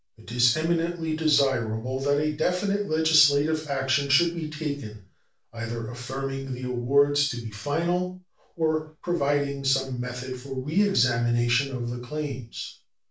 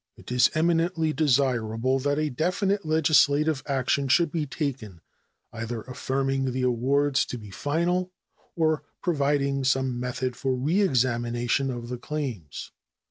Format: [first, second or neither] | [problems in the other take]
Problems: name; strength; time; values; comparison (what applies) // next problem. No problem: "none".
second | room echo; dies away in 0.3 s